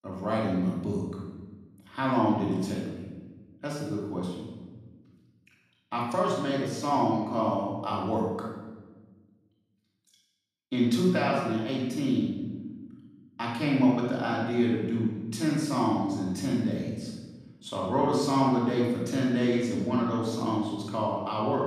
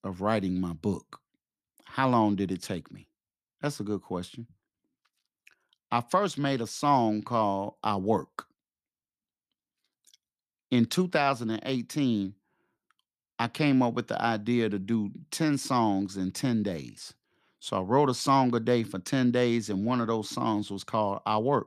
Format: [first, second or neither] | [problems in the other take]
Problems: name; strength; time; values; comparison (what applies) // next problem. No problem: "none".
second | off-mic speech; far // room echo; strong; dies away in 1.2 s